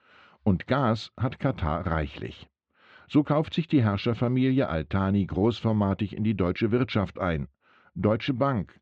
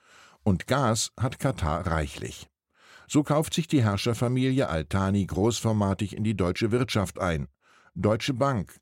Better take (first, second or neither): second